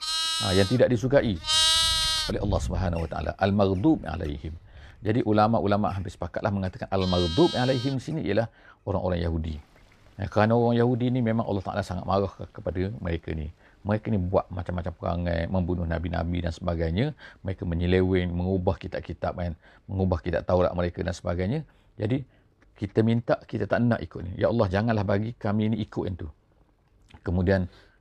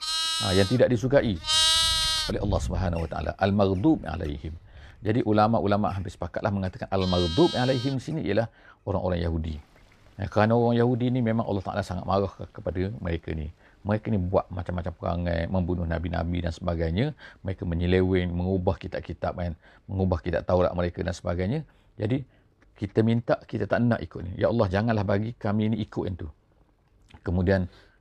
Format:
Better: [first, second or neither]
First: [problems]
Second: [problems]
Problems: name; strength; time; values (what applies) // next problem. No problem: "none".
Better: neither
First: animal sounds; very loud; throughout; 1 dB above the speech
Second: animal sounds; very loud; throughout; 1 dB above the speech